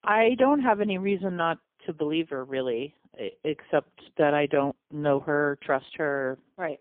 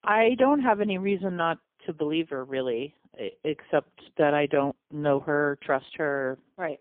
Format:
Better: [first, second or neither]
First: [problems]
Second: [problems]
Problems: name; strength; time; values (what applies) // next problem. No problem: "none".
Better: neither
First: phone-call audio; poor line; nothing above 3 kHz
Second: phone-call audio; poor line; nothing above 3 kHz